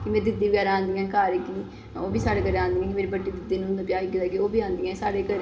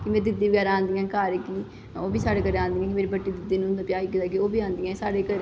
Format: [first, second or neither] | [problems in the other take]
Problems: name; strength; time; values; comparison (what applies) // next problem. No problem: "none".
second | room echo; dies away in 1.7 s